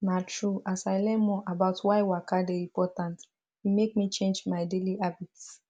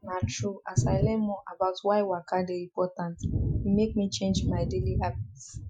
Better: first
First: none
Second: noise reduction (classical method Wiener filter)

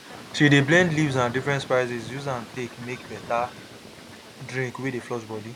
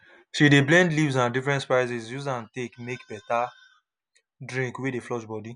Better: second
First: background sound (Fowl + Thunder); 15 dB below the speech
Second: none

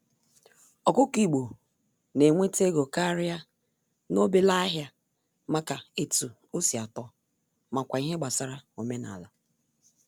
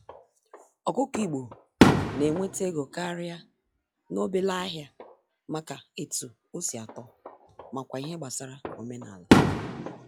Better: first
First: none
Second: noise reduction (classical method log-MMSE)

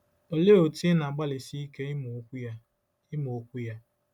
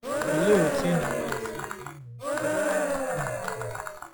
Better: first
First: none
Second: noise reduction (classical method log-MMSE)

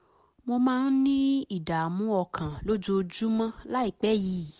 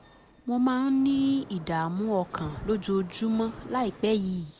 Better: first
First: none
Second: background sound (Mechanisms); 20 dB below the speech

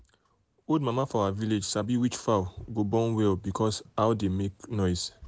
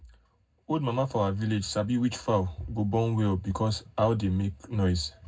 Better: first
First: none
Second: room echo; dies away in 0.3 s

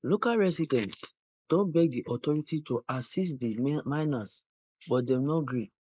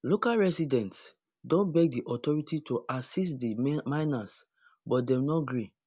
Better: second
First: noise reduction (neural mask model Resemble Enhance denoiser)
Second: none

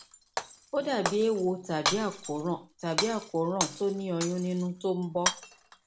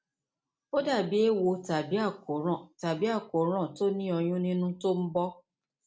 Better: second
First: background sound (Shatter); 6 dB below the speech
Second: none

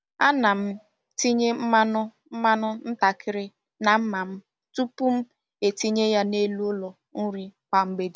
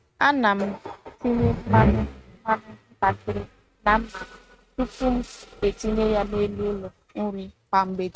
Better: first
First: none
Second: noise reduction (neural mask model RNNoise)

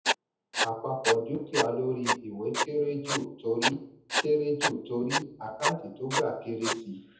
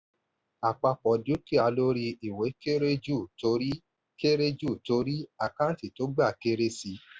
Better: second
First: background sound (Writing); 1 dB below the speech // room echo; dies away in 0.7 s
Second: none

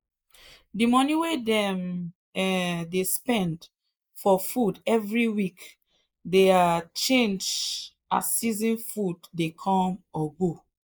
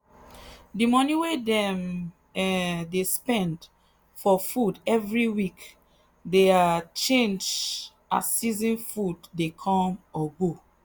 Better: second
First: noise reduction (neural mask model Resemble Enhance denoiser)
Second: none

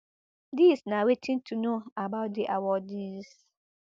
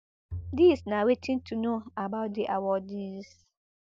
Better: first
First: none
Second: background sound (Bowed string instrument); 17 dB below the speech

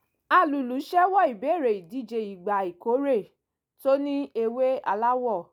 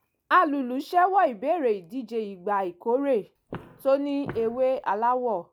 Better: first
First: none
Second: background sound (Walk, footsteps); 17 dB below the speech

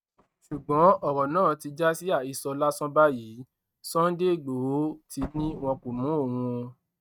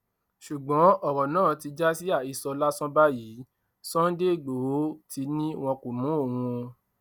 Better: second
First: noise reduction (neural mask model RNNoise)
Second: none

